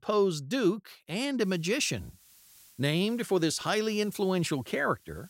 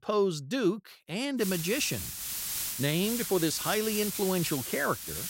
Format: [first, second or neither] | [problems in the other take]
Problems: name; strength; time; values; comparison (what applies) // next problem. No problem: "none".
first | hiss; loud; from 1.5 s on; 3 dB below the speech; faint in the first